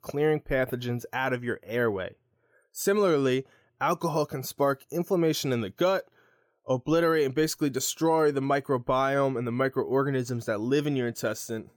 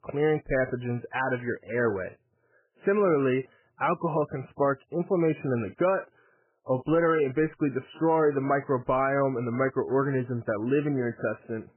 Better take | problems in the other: first | garbled, watery; badly; nothing above 3 kHz

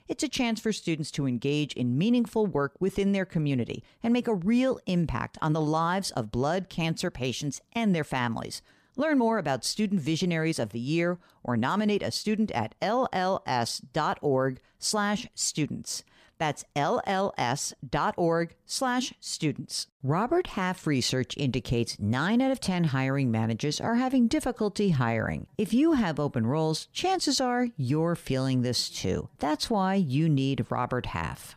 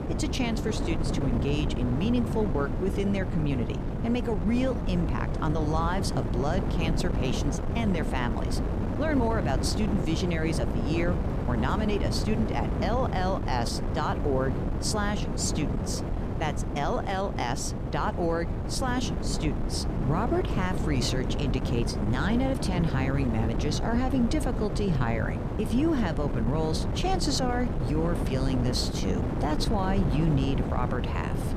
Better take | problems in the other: first | wind noise on the microphone; heavy; 4 dB below the speech

